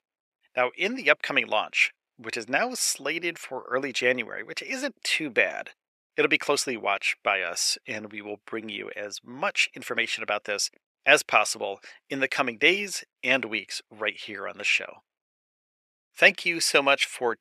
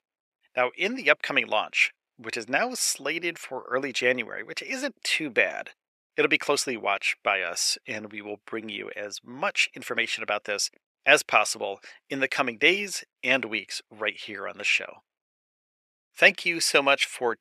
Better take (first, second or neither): neither